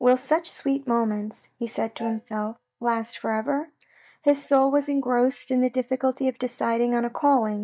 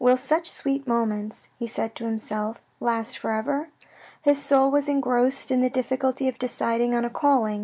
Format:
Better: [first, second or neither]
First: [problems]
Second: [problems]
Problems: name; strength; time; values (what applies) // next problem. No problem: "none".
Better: second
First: noise reduction (neural mask model DeepFilterNet 3)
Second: none